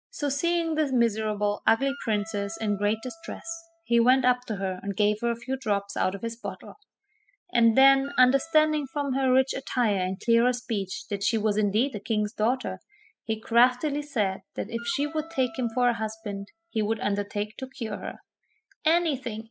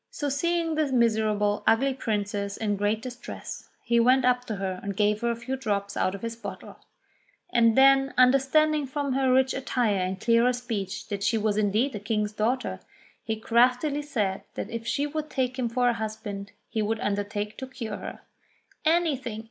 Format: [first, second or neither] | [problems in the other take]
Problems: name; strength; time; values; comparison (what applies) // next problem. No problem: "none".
second | noise reduction (classical method spectral subtraction)